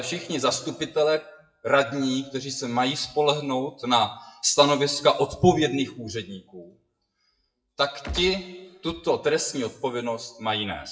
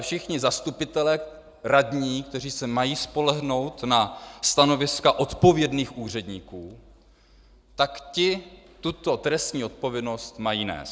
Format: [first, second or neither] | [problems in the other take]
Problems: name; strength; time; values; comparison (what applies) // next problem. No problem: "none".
second | noise reduction (classical method WPE with log-MMSE)